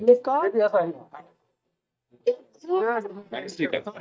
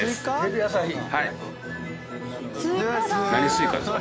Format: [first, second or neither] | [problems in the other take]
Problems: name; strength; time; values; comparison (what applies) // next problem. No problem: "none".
second | noise reduction (neural mask model DeepFilterNet 3)